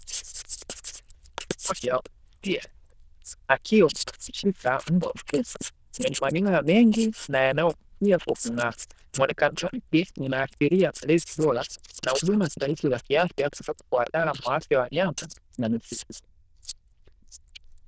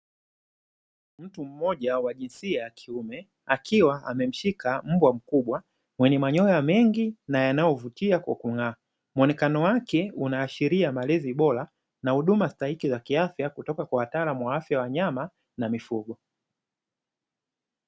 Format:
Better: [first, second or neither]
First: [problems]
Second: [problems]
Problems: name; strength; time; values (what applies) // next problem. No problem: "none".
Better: second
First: noise reduction (neural diffusion model UNIVERSE++)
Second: none